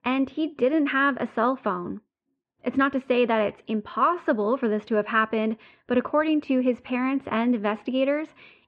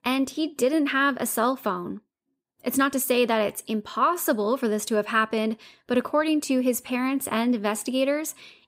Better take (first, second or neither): second